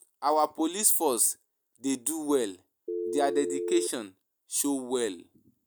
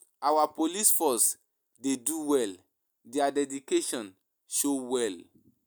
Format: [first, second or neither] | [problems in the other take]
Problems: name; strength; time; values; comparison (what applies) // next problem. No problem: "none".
second | background sound (Telephone); 2 dB below the speech